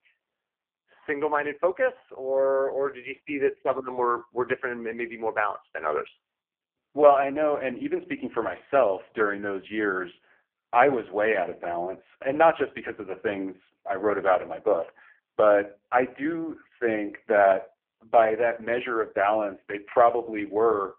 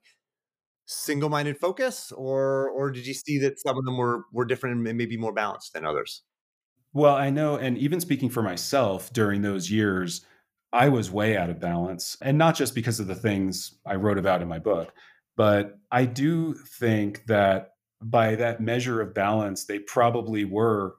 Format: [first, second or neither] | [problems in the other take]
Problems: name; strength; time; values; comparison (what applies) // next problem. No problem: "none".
second | phone-call audio; poor line